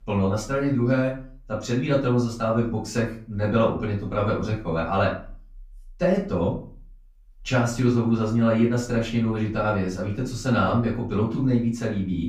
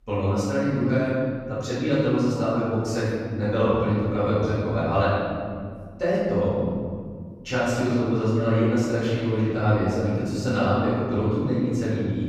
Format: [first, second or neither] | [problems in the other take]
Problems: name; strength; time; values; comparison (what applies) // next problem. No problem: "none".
first | room echo; strong; dies away in 2.2 s; slight in the first // off-mic speech; far; far in the first